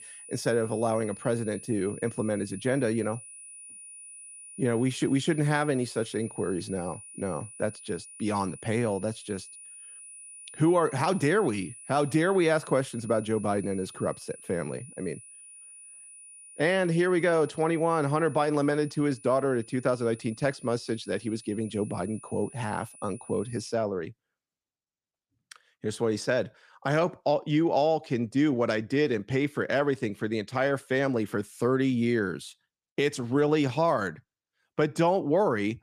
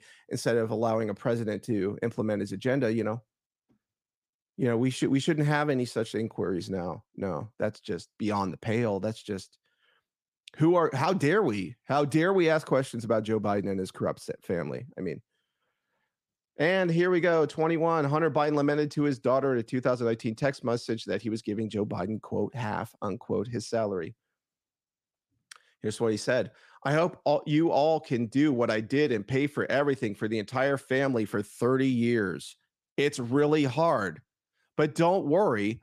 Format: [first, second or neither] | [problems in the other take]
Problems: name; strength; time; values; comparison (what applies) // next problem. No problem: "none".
second | high-pitched whine; noticeable; until 24 s; 9.5 kHz, 15 dB below the speech